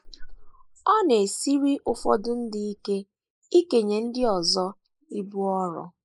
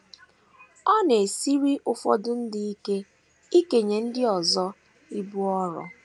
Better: second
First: noise reduction (neural mask model Resemble Enhance denoiser)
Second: none

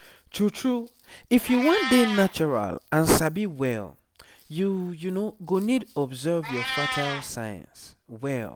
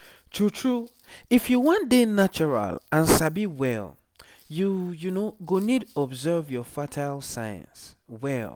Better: second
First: background sound (Meow); 11 dB below the speech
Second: none

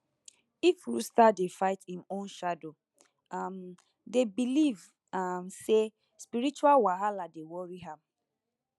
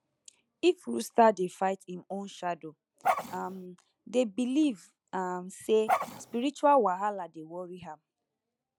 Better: first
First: none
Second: background sound (Dog); 2 dB below the speech

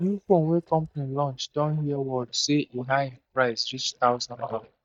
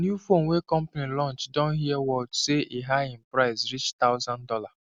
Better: second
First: noise reduction (neural mask model DeepFilterNet 3)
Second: none

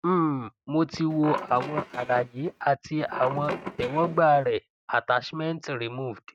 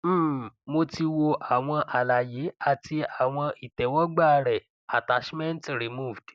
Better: second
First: noise reduction (neural mask model RNNoise)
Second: none

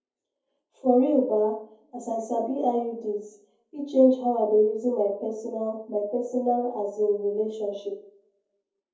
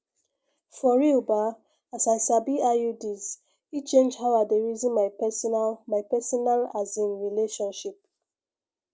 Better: second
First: room echo; dies away in 0.5 s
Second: none

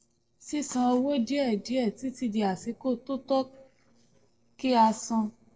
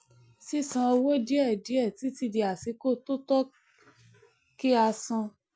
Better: second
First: noise reduction (neural separator model SepFormer DNS4)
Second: none

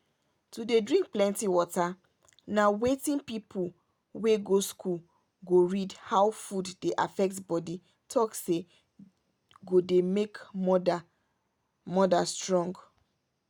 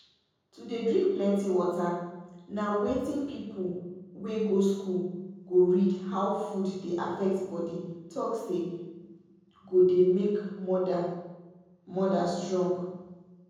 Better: first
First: none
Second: room echo; dies away in 1.3 s

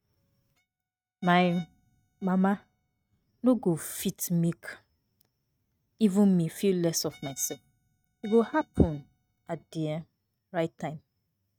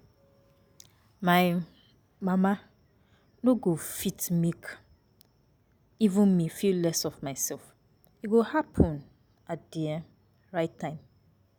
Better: second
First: noise reduction (neural mask model RNNoise)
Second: none

